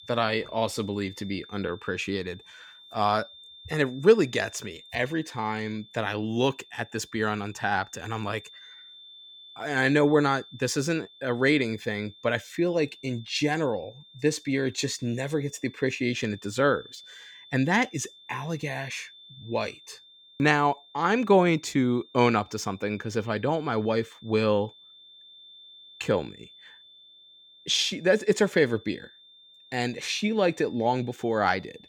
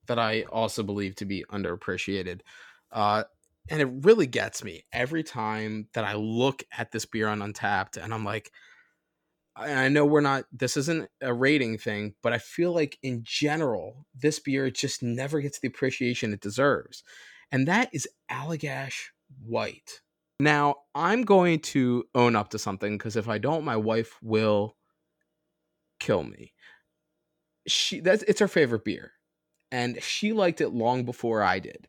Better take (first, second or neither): second